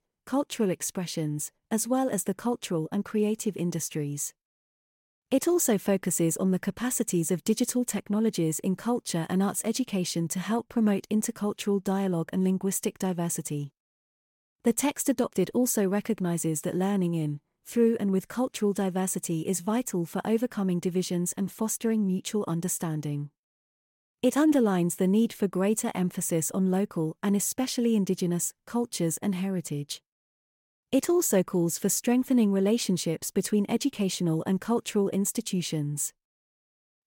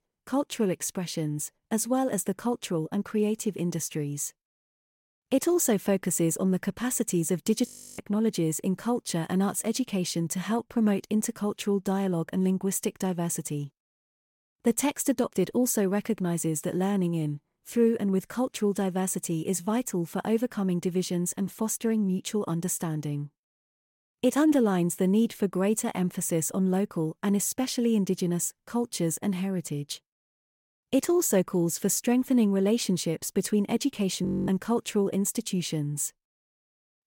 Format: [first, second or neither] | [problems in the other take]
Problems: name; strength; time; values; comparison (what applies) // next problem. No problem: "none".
first | audio freezing; at 7.5 s and at 34 s